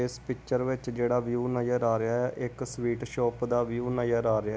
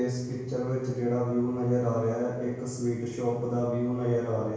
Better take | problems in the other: first | room echo; dies away in 1 s

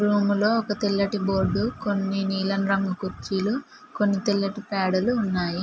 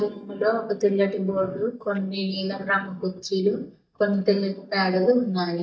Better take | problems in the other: first | noise reduction (neural mask model DeepFilterNet 3)

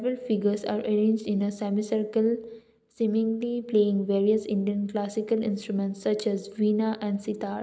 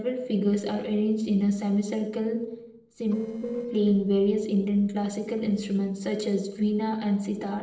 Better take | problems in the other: first | noise reduction (neural separator model SepFormer DNS4)

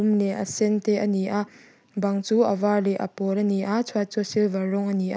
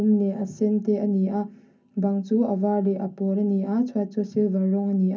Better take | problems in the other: first | room echo; dies away in 0.3 s

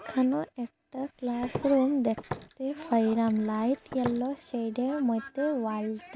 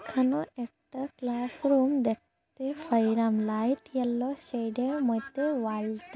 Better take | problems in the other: second | background sound (Walk, footsteps); 13 dB below the speech

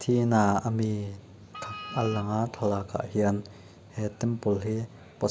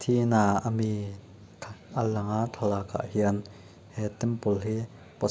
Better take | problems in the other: second | background sound (Wind instrument, woodwind instrument); 14 dB below the speech

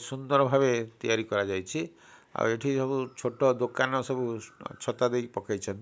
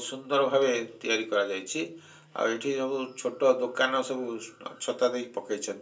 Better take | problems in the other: first | room echo; dies away in 0.2 s

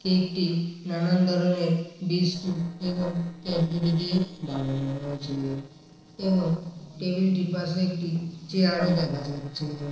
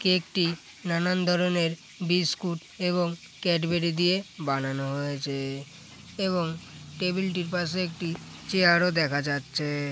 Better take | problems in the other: second | noise reduction (neural separator model SepFormer DNS4)

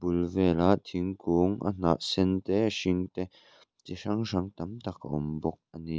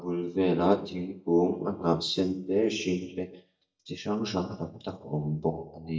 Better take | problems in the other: first | noise reduction (neural mask model DeepFilterNet 3)

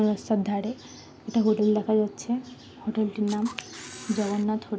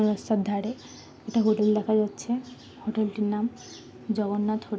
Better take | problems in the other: second | background sound (Camera); 15 dB below the speech

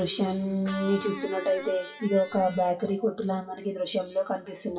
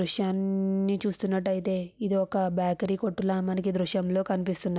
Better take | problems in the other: second | noise reduction (classical method WPE with log-MMSE)

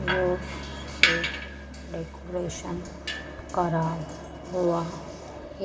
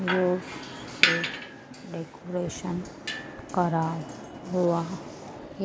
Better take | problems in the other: second | background sound (Bass guitar); 13 dB below the speech // room echo; dies away in 1.7 s

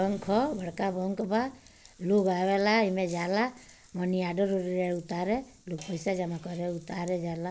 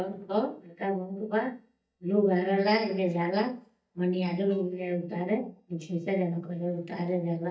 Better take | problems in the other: first | noise reduction (neural mask model DeepFilterNet 3)

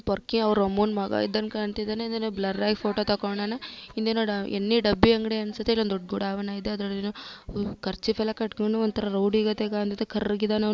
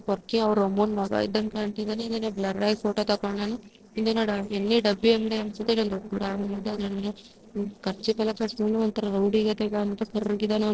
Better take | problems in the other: first | noise reduction (neural separator model SepFormer DNS4)

